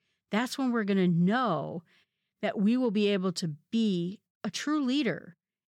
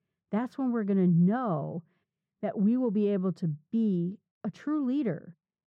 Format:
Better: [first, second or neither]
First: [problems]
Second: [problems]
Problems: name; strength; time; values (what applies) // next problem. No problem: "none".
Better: first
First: none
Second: muffled; very; fading above 2 kHz